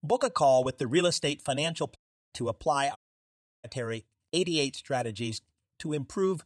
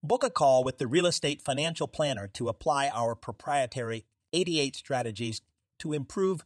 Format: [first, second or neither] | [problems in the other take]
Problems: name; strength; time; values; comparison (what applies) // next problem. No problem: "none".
second | audio cutting out; at 2 s and at 3 s for 0.5 s